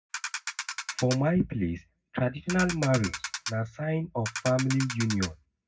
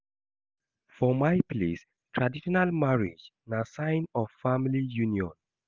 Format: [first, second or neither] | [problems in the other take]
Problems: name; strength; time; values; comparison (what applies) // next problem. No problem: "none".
second | background sound (Ratchet, pawl); 8 dB below the speech // room echo; dies away in 0.4 s